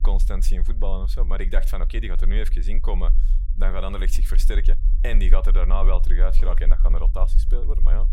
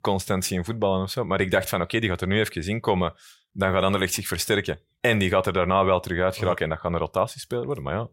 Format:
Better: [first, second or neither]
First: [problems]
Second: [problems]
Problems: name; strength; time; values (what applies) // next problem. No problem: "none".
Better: second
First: low rumble; noticeable; throughout; 15 dB below the speech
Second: none